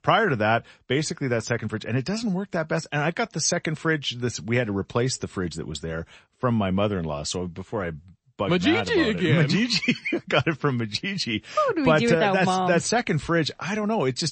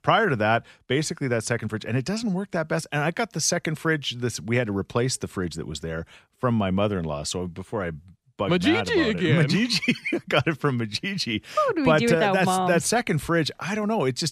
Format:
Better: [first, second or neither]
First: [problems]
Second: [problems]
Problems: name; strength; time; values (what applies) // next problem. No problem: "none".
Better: second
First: garbled, watery; slightly; nothing above 8 kHz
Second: none